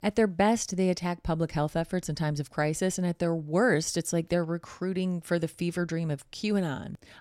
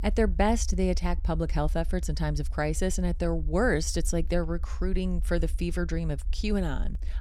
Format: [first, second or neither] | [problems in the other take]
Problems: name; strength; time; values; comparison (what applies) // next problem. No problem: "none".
first | low rumble; faint; throughout; 25 dB below the speech